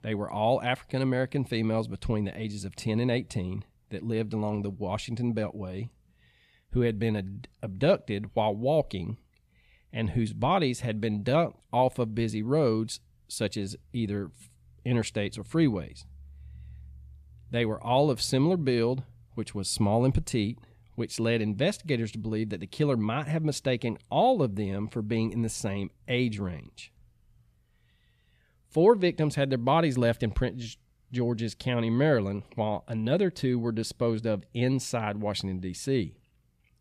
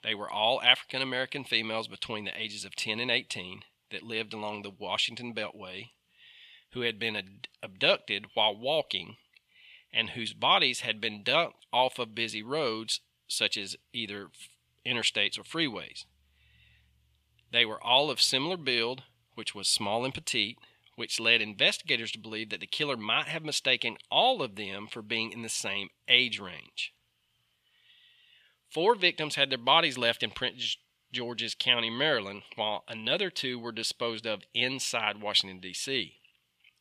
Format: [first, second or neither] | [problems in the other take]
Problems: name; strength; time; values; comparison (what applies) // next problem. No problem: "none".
first | thin; somewhat; fading below 1 kHz